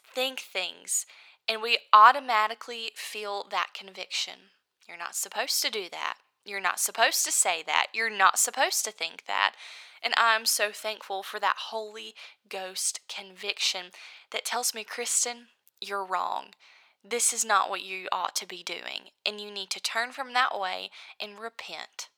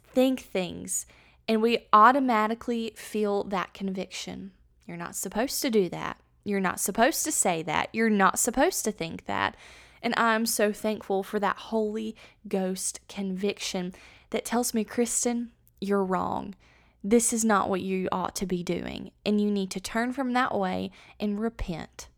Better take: second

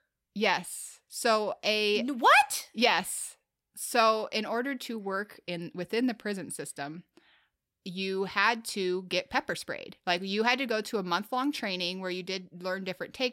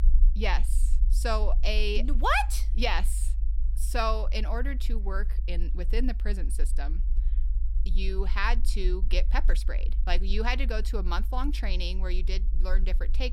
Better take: first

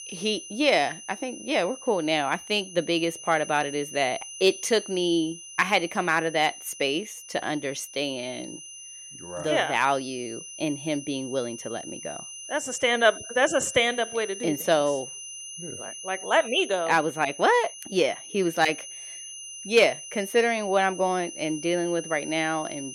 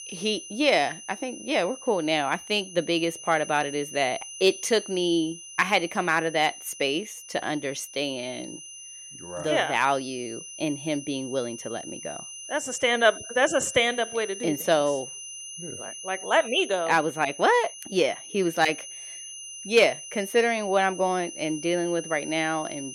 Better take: neither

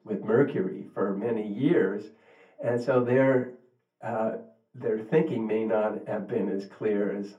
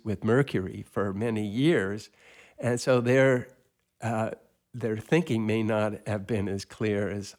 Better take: second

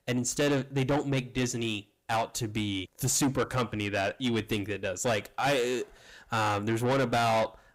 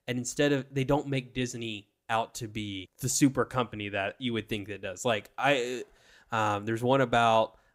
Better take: second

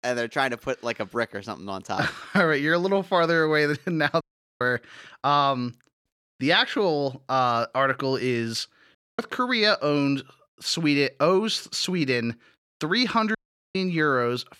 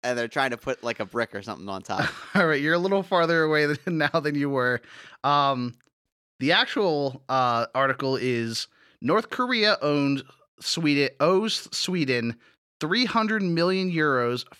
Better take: second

